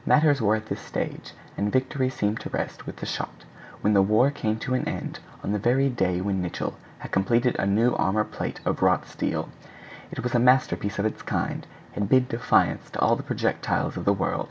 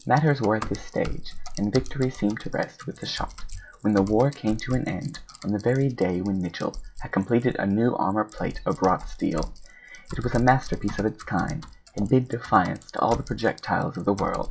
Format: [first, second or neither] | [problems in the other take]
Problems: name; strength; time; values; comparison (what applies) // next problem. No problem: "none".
first | noise reduction (classical method log-MMSE)